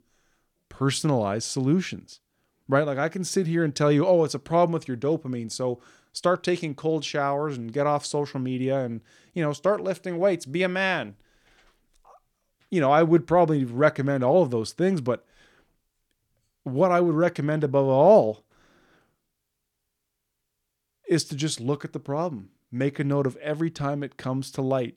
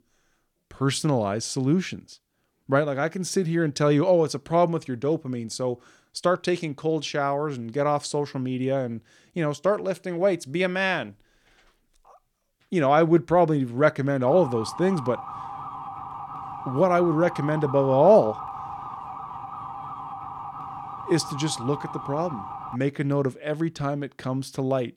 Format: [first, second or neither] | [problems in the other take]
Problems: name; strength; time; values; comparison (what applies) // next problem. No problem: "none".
first | siren; noticeable; from 14 to 23 s; peak 10 dB below the speech